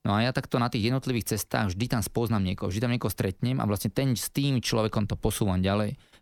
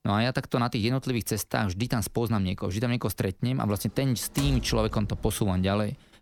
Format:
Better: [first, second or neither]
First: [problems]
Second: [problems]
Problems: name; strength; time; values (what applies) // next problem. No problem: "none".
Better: first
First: none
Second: door banging; noticeable; at 4.5 s; peak 6 dB below the speech